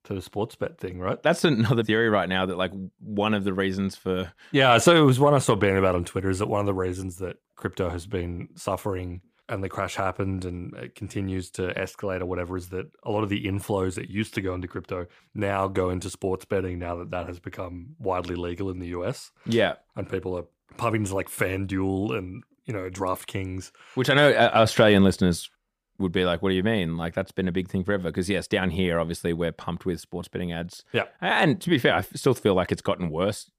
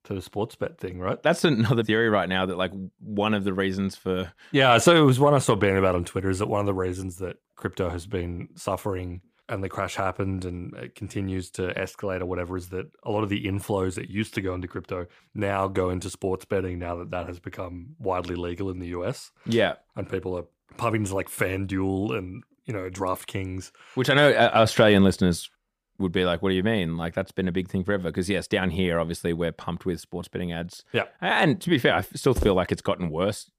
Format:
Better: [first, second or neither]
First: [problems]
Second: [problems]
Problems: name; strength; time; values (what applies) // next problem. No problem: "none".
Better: first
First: none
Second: footsteps; noticeable; at 32 s; peak 7 dB below the speech